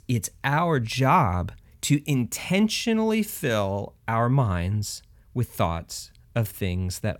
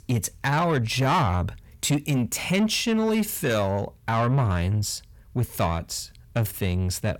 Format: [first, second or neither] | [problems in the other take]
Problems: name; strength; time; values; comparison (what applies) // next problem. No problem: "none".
first | distortion; slight; 10 dB below the speech